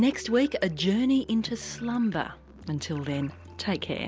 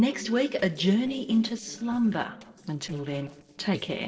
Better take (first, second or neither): first